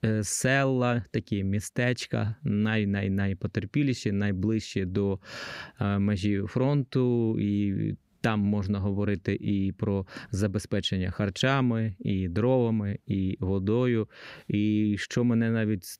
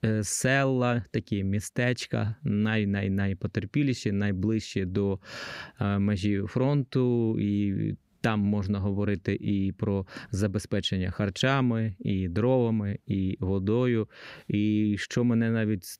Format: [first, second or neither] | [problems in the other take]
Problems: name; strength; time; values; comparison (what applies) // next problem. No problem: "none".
neither | none